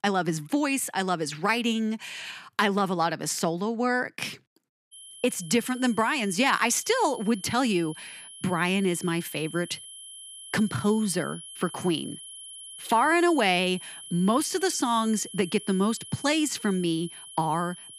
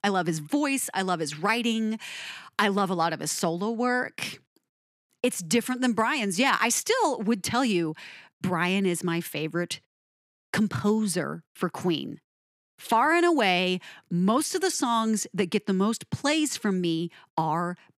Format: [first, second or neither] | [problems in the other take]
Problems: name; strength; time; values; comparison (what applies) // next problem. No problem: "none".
second | high-pitched whine; noticeable; from 5 s on; 11 kHz, 15 dB below the speech